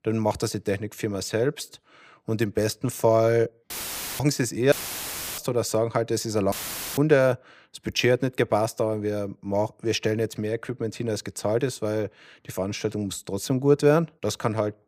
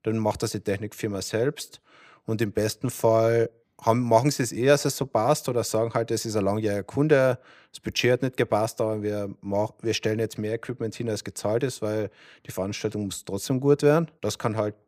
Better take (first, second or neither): second